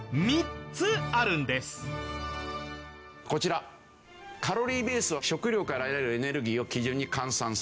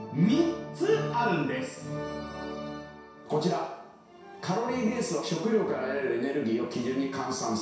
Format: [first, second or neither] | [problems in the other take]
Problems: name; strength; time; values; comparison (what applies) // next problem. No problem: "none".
first | room echo; dies away in 0.7 s